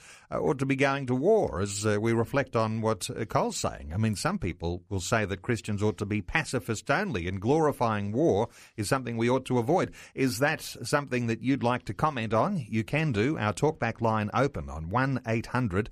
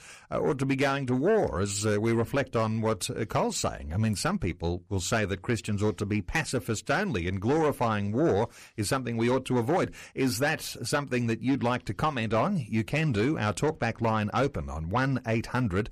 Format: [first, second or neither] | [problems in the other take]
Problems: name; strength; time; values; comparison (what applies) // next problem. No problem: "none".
first | distortion; slight; 10 dB below the speech